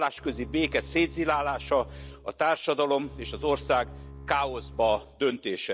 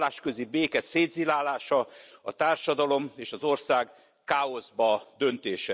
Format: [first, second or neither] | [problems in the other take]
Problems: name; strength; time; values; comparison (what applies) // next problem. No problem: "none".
second | background sound (Bowed string instrument); 15 dB below the speech